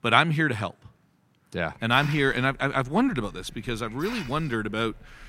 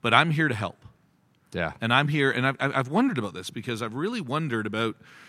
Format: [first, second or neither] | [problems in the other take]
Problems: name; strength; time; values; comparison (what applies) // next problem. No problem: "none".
second | hiss; very faint; from 2 s on; 15 dB below the speech